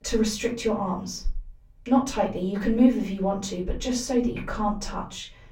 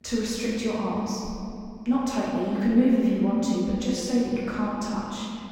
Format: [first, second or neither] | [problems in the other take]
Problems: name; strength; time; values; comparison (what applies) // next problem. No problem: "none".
first | room echo; strong; dies away in 2.4 s; slight in the first // off-mic speech; far; far in the first